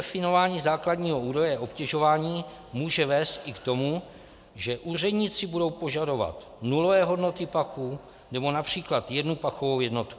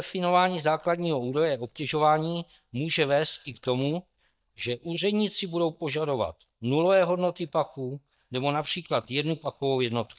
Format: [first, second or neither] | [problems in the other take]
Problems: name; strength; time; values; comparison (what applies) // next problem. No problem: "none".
first | noise reduction (neural mask model DeepFilterNet 3)